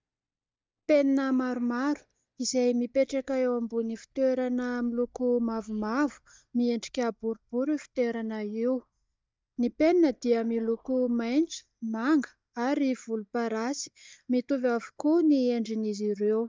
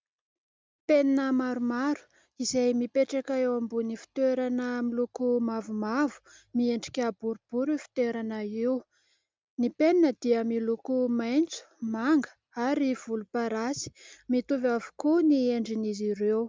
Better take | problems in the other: second | noise reduction (neural mask model DeepFilterNet 3)

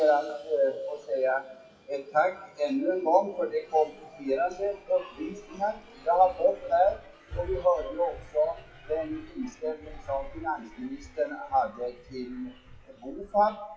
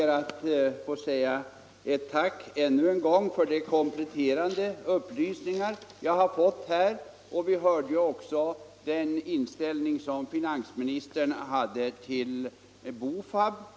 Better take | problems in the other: second | noise reduction (classical method WPE with log-MMSE)

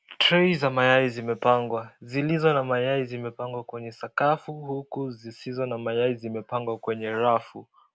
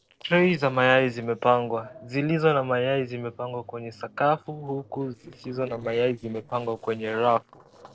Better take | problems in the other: first | noise reduction (neural separator model SepFormer DNS4)

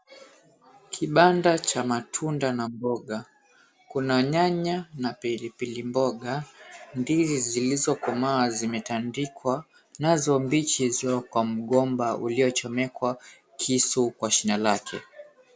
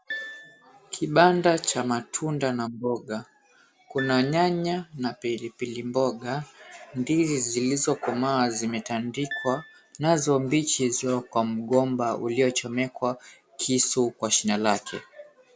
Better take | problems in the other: first | background sound (Piano); 14 dB below the speech

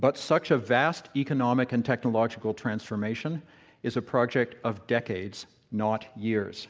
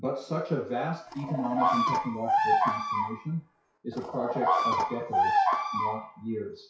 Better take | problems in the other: first | noise reduction (classical method WPE with log-MMSE)

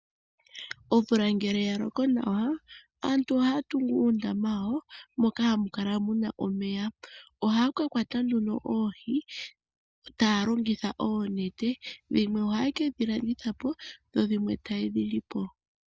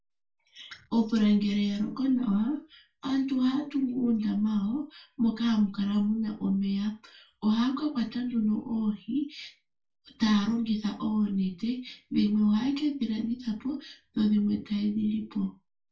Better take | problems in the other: first | room echo; dies away in 0.2 s

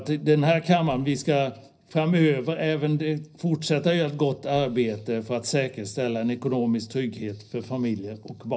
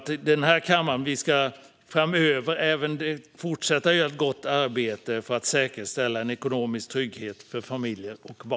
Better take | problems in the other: second | noise reduction (neural separator model SepFormer DNS4)

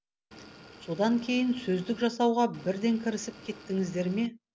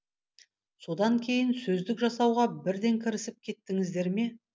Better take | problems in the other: second | background sound (Motor vehicle (road) / Engine); 20 dB below the speech

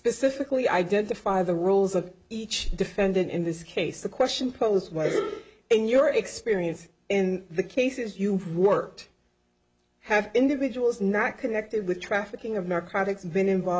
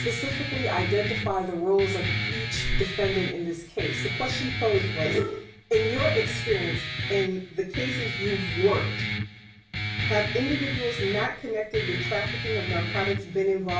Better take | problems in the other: first | background sound (Guitar); 2 dB below the speech // room echo; dies away in 0.3 s

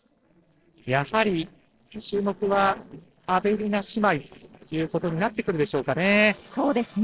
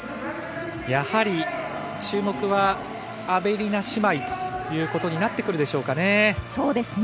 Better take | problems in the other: second | noise reduction (neural separator model SepFormer DNS4)

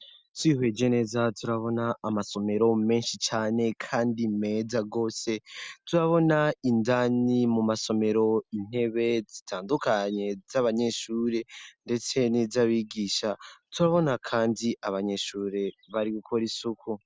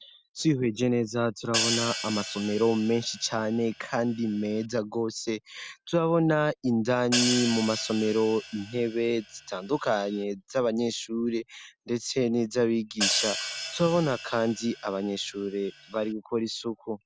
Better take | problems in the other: first | background sound (Hi-hat); 7 dB below the speech

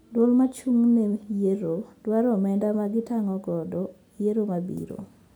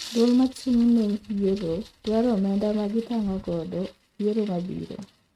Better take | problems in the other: first | noise reduction (neural mask model RNNoise)

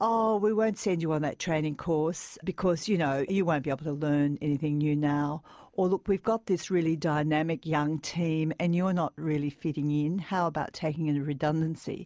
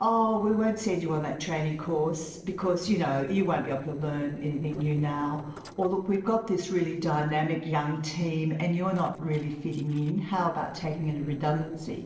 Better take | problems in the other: first | noise reduction (neural separator model SepFormer DNS4)

